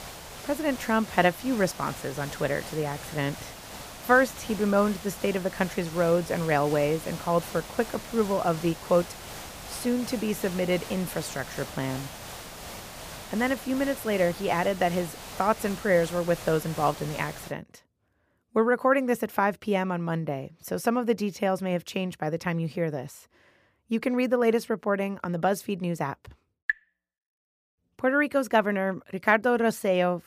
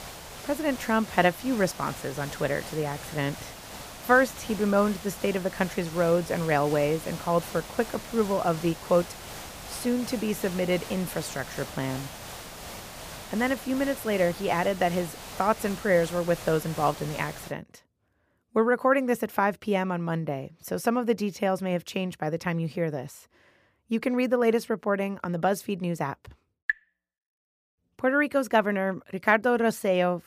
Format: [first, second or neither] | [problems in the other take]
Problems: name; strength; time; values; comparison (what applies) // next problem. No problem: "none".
neither | hiss; noticeable; until 17 s; 15 dB below the speech; the same in both